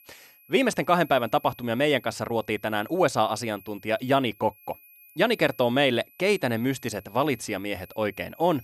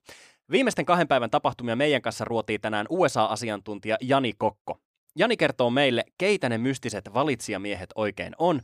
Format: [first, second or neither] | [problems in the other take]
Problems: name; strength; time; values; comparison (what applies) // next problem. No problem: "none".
second | high-pitched whine; faint; throughout; 11.5 kHz, 25 dB below the speech